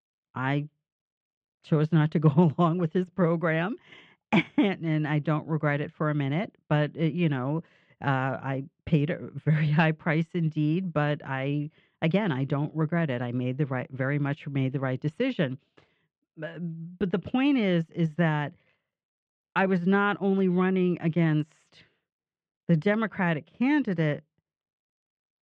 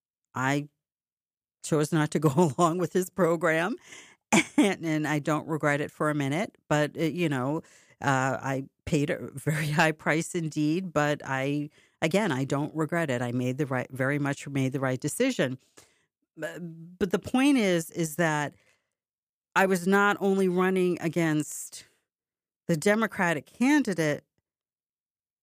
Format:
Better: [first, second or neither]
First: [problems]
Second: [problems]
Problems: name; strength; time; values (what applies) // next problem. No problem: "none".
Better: second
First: muffled; very; fading above 3.5 kHz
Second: none